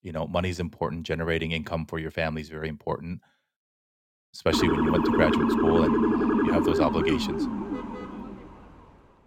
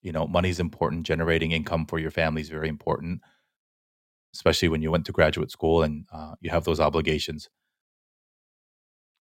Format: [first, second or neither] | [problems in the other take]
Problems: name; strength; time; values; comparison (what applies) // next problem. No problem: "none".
second | siren; loud; from 4.5 to 8.5 s; peak 6 dB above the speech